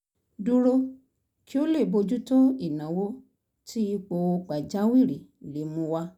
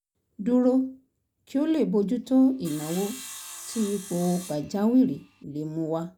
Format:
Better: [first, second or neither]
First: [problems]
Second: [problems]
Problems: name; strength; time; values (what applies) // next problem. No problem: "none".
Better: first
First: none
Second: background sound (Sawing); 16 dB below the speech